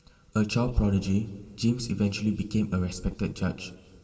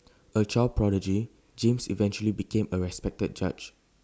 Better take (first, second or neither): second